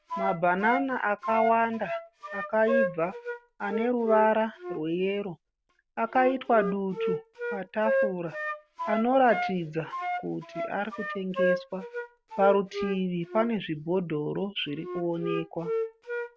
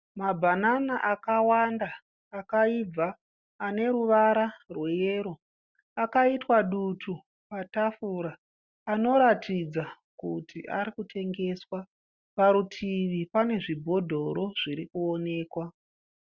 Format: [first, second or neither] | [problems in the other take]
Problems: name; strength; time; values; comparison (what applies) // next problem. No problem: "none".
second | background sound (Wind instrument, woodwind instrument); 5 dB below the speech